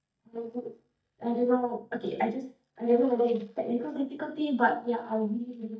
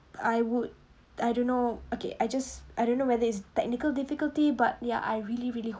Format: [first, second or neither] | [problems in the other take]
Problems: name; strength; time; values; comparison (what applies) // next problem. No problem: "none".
second | noise reduction (neural mask model DeepFilterNet 3)